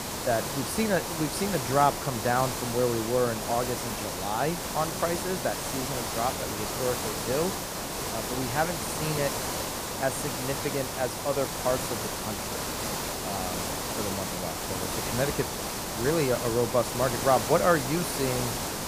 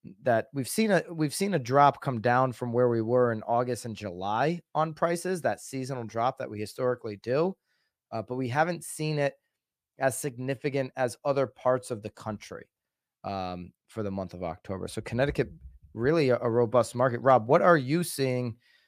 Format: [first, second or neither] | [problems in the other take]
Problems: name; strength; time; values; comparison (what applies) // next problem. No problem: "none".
second | hiss; loud; throughout; 2 dB below the speech